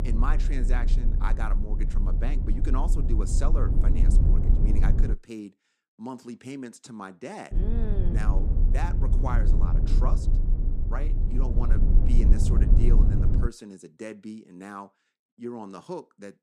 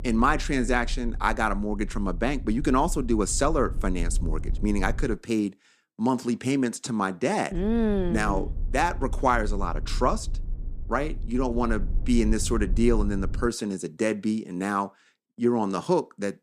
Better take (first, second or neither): second